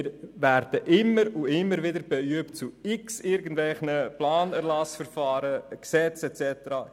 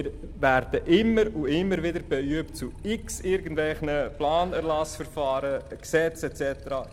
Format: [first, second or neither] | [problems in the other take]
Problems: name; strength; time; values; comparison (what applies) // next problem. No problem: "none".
first | background sound (Motorcycle); 14 dB below the speech